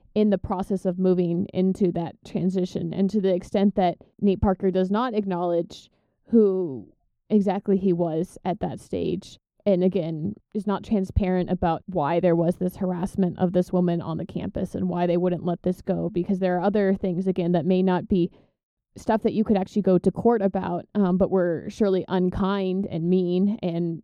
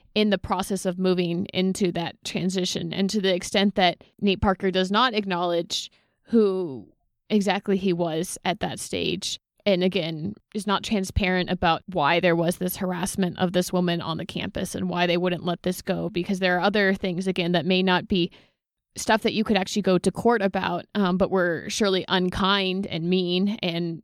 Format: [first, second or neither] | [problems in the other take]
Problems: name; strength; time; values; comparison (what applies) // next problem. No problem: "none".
second | muffled; very; fading above 1 kHz